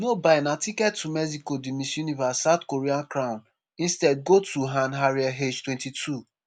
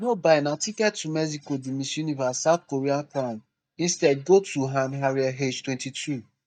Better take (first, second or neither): first